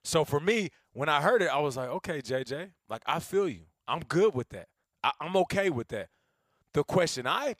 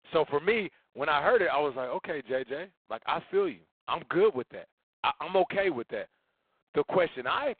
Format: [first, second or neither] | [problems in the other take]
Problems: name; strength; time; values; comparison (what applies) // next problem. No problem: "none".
first | phone-call audio; poor line; nothing above 3.5 kHz